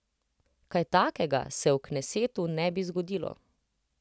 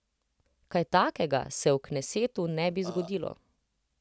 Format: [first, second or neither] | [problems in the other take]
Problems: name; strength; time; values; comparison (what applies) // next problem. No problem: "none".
first | background sound (Burping, eructation); 15 dB below the speech